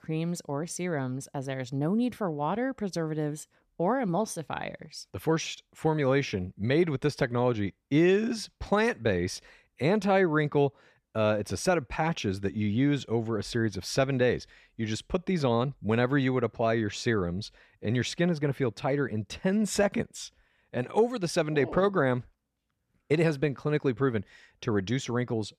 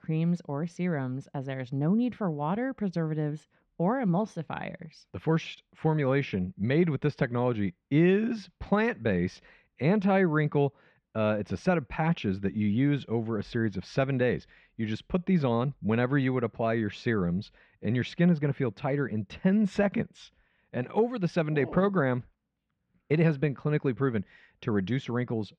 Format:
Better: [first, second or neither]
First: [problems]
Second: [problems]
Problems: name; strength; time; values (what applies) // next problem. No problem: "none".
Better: first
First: none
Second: muffled; slightly; fading above 3 kHz